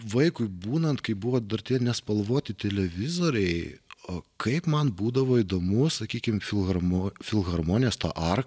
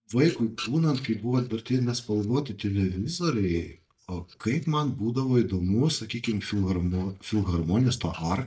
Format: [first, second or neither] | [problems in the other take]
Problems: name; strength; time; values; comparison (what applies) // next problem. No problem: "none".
first | noise reduction (neural mask model DeepFilterNet 3)